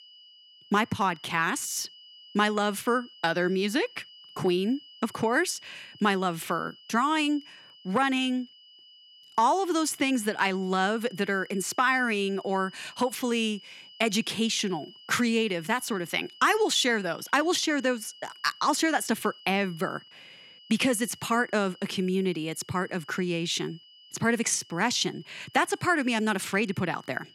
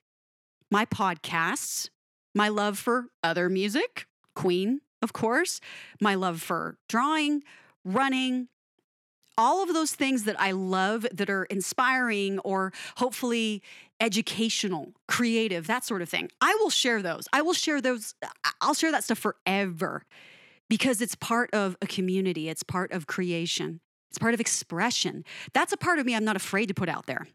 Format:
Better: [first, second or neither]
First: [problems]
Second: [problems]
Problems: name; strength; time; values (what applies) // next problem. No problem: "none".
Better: second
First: high-pitched whine; faint; throughout; 3 kHz, 20 dB below the speech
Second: none